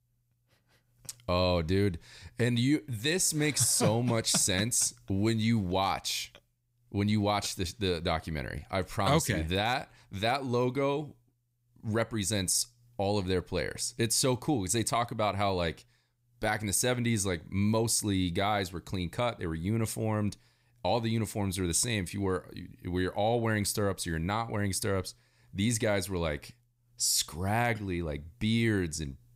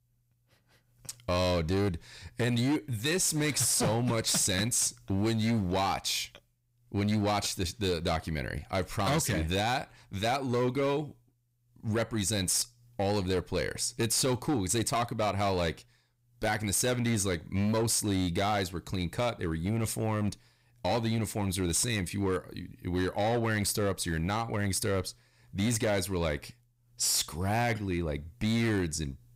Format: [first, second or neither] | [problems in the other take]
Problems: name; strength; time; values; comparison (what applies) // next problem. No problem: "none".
first | distortion; slight; 11% of the sound clipped